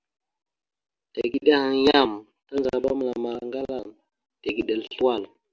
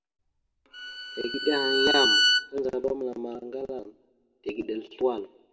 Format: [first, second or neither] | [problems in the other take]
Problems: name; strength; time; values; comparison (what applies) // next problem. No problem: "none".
first | background sound (Bowed string instrument); 4 dB above the speech // room echo; dies away in 1.1 s